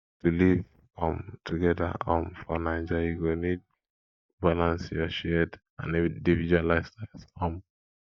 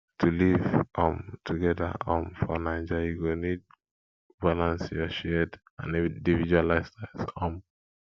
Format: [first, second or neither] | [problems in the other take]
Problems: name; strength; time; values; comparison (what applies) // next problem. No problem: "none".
second | noise reduction (neural mask model DeepFilterNet 3)